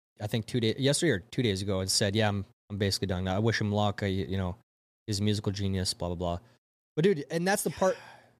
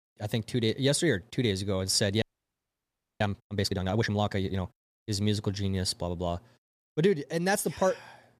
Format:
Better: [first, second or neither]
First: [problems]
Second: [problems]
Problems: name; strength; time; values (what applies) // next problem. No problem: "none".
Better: first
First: none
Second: audio freezing; at 2 s for 1 s